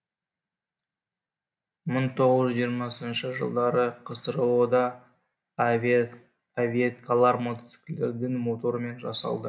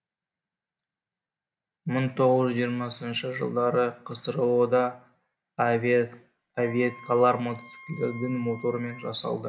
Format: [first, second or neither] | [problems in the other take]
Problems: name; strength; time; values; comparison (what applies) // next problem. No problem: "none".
first | background sound (Wind instrument, woodwind instrument); 19 dB below the speech